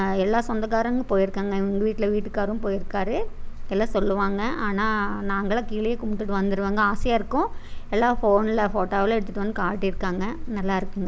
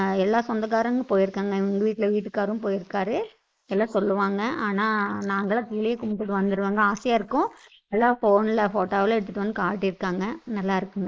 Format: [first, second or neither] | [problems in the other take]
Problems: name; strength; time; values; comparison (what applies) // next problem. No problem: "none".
first | noise reduction (neural mask model Resemble Enhance denoiser)